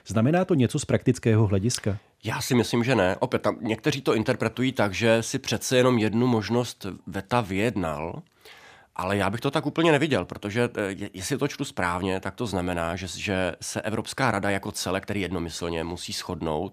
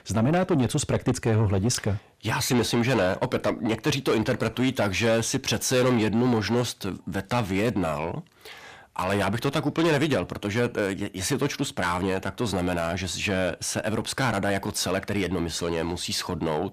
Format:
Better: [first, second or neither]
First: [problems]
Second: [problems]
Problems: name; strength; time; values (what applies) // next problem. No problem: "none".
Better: first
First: none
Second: distortion; heavy; 8 dB below the speech